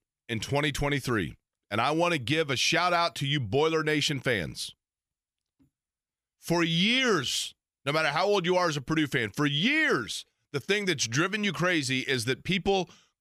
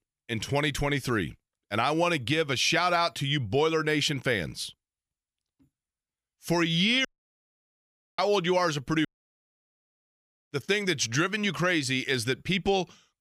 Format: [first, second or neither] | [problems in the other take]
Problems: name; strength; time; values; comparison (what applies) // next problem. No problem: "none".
first | audio cutting out; at 7 s for 1 s and at 9 s for 1.5 s